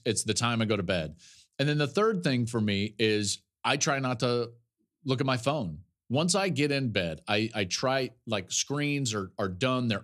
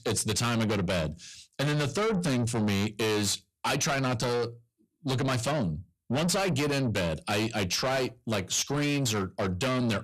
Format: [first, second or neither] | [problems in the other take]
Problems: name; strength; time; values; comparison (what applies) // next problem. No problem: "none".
first | distortion; heavy; 6 dB below the speech